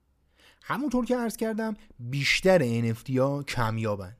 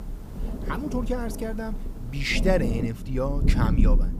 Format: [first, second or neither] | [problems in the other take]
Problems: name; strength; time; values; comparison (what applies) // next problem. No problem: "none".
first | rain or running water; very loud; throughout; 1 dB above the speech